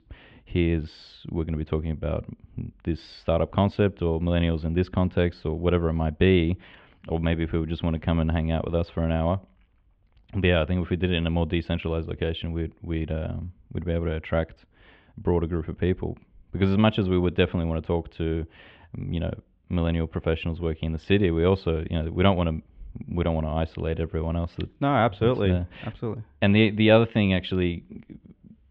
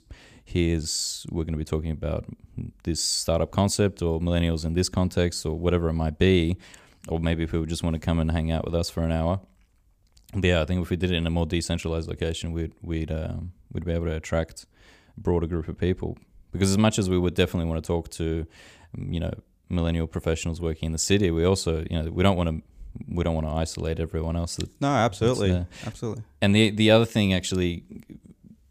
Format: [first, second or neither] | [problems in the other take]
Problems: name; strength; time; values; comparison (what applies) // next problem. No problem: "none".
second | muffled; very; fading above 3 kHz